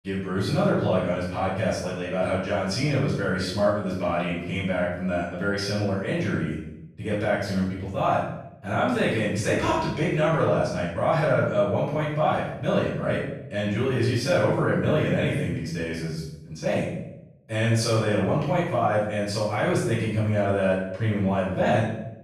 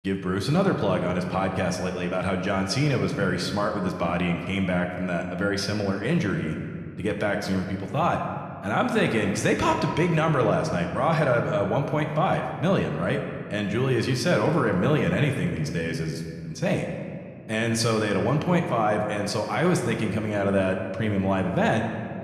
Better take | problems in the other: second | room echo; strong; dies away in 0.7 s; slight in the second // off-mic speech; far

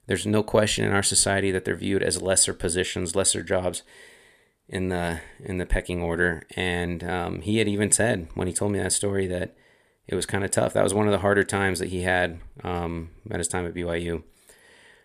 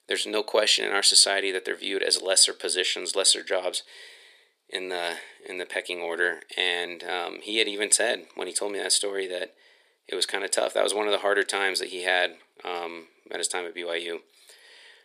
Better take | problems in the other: first | thin; very; fading below 350 Hz

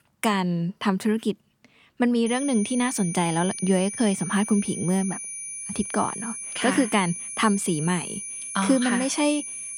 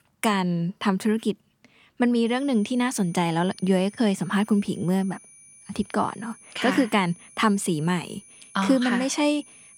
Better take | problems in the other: second | high-pitched whine; loud; from 2.5 s on; 10 kHz, 7 dB below the speech; faint in the second

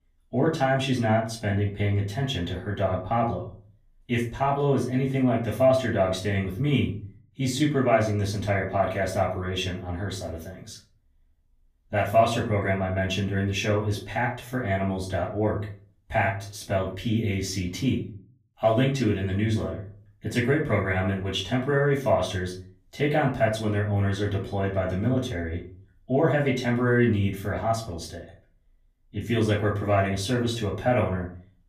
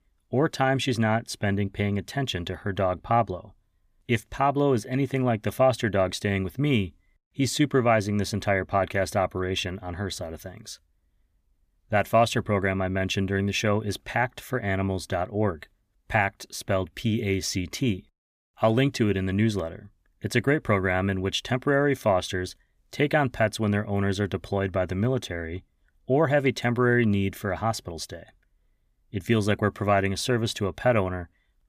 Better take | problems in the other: second | off-mic speech; far // room echo; slight; dies away in 0.4 s

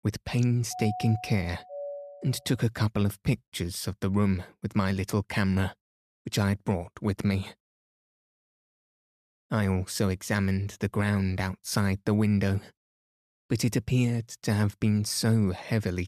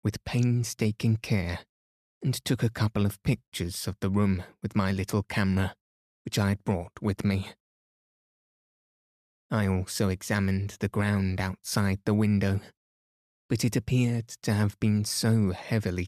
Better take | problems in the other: second | doorbell; noticeable; from 0.5 to 2.5 s; peak 9 dB below the speech

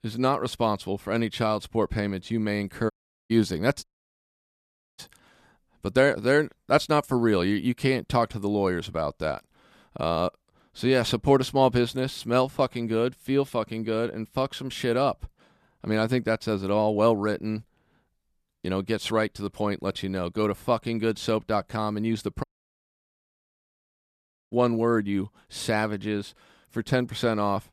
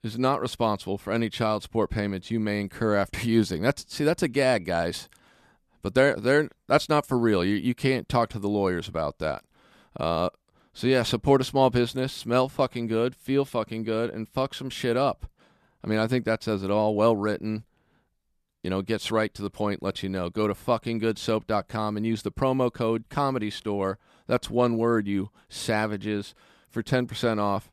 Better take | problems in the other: second | audio cutting out; at 3 s, at 4 s for 1 s and at 22 s for 2 s

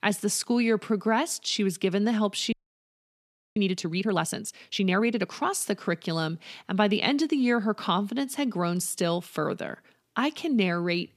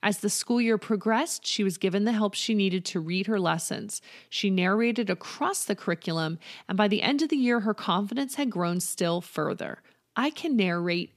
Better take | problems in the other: second | audio freezing; at 2.5 s for 1 s

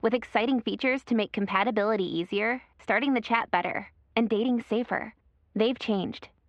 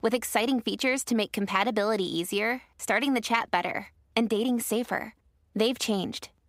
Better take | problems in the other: second | muffled; slightly; fading above 3 kHz

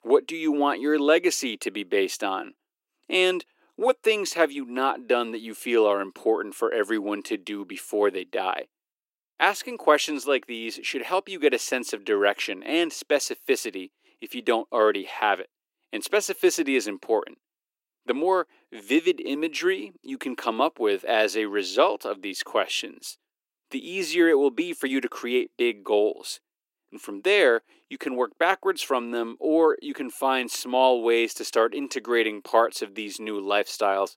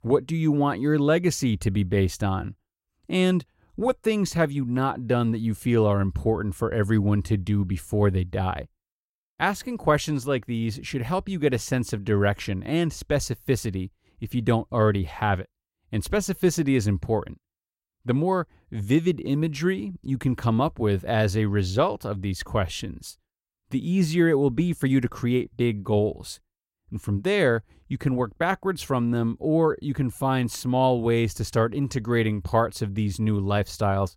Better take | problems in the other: second | thin; somewhat; fading below 300 Hz

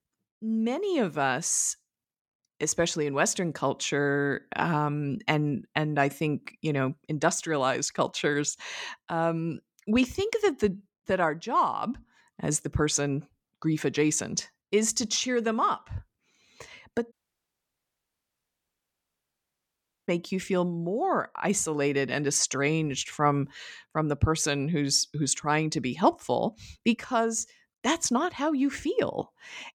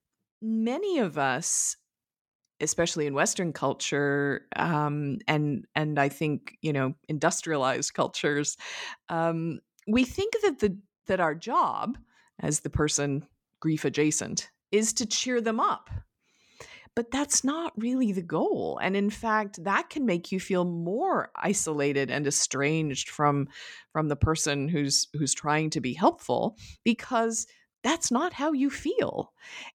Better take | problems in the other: second | audio cutting out; at 17 s for 3 s

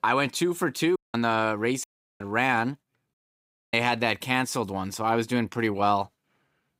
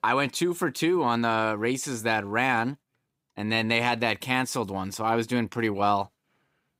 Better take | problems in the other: second | audio cutting out; at 1 s, at 2 s and at 3 s for 0.5 s

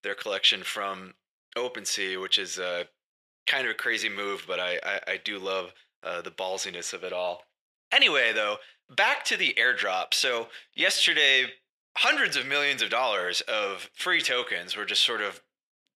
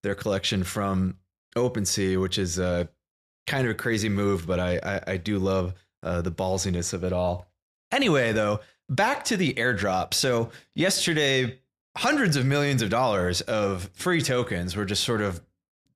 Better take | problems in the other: second | thin; very; fading below 500 Hz

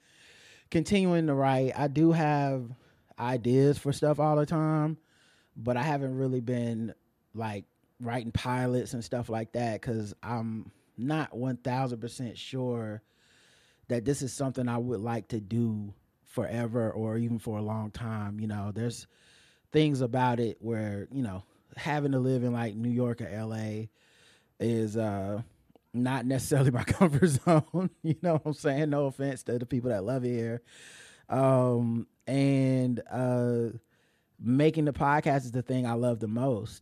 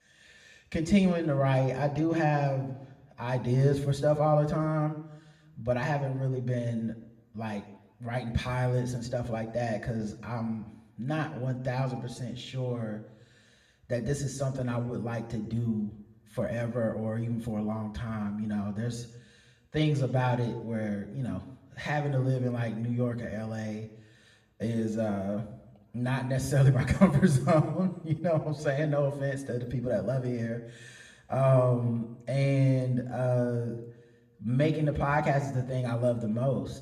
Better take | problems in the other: first | room echo; slight; dies away in 0.7 s // off-mic speech; somewhat distant

